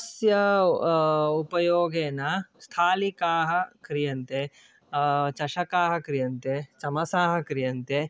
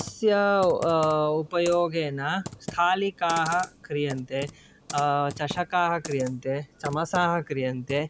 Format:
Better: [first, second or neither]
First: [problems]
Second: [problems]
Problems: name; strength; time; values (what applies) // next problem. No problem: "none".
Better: first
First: none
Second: background sound (Computer keyboard); 16 dB below the speech